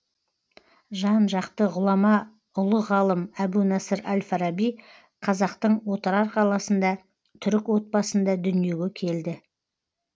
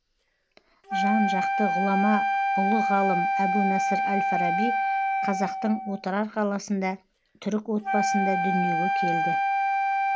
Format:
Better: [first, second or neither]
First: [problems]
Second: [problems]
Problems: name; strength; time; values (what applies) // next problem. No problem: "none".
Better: first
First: none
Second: background sound (Wind instrument, woodwind instrument); 3 dB above the speech